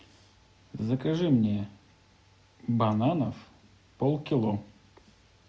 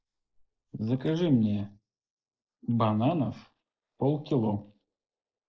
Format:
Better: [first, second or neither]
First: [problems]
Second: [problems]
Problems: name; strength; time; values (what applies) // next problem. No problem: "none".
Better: first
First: none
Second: noise reduction (neural mask model Resemble Enhance denoiser)